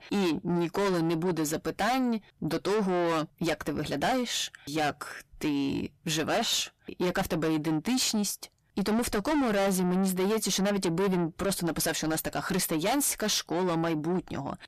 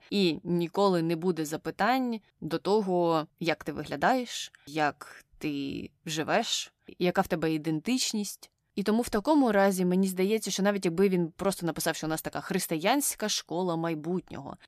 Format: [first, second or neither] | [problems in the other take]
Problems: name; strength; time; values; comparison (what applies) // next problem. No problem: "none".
second | distortion; heavy; 5 dB below the speech